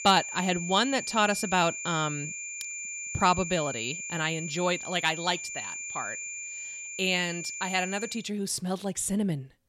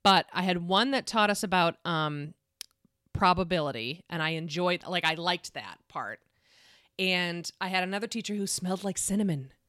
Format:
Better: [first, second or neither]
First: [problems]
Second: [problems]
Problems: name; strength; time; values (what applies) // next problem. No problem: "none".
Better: second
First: high-pitched whine; loud; until 8 s; 2.5 kHz, 7 dB below the speech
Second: none